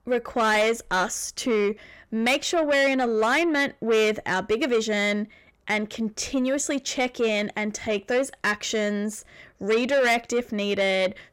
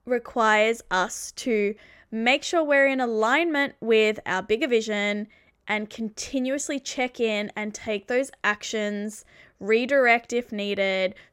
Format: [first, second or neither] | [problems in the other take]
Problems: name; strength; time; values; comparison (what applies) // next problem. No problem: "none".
second | distortion; slight; 10 dB below the speech